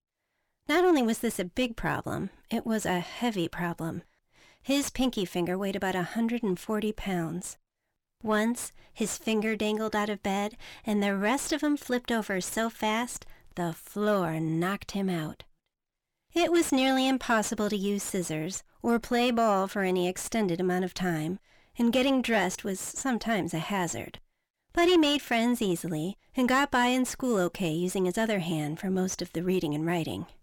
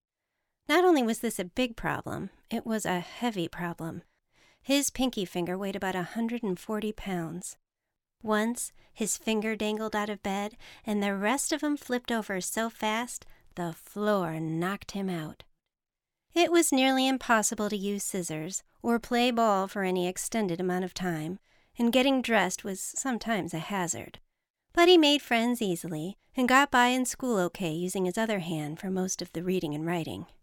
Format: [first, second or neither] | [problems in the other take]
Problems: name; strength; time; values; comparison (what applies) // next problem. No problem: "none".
second | distortion; slight; 10 dB below the speech